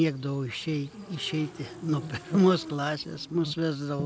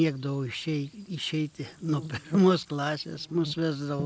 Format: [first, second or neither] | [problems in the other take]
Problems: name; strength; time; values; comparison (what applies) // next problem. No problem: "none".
second | background sound (Motorcycle / Engine); 18 dB below the speech